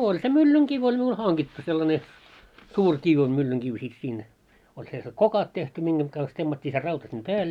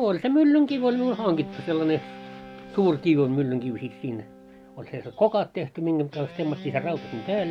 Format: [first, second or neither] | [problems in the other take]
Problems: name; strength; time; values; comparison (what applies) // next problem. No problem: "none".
first | background sound (Guitar); 17 dB below the speech